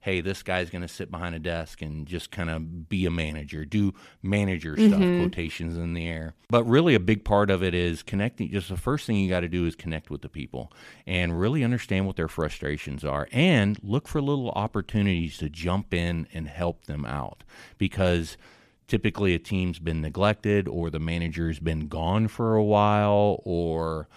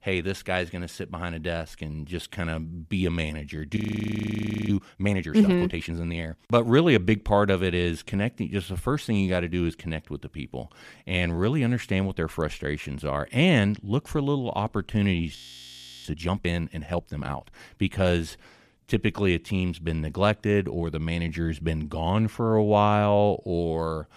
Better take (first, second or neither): first